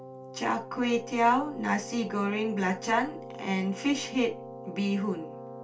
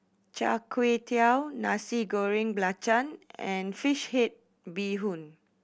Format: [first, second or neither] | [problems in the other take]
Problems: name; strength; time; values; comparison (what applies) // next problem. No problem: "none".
second | background sound (Keyboard (musical)); 13 dB below the speech // room echo; dies away in 0.2 s